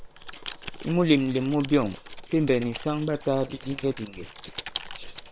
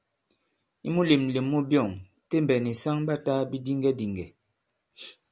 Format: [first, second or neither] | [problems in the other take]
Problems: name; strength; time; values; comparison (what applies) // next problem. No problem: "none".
second | noise reduction (neural separator model SepFormer WHAM!)